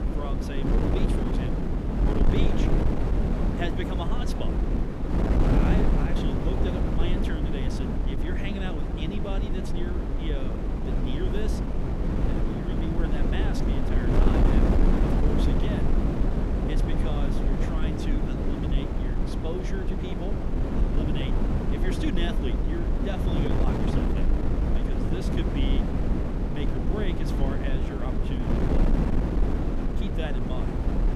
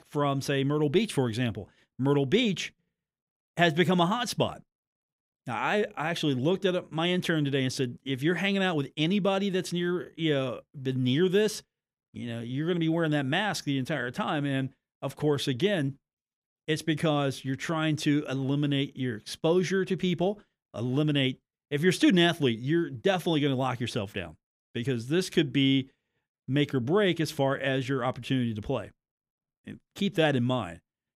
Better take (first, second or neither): second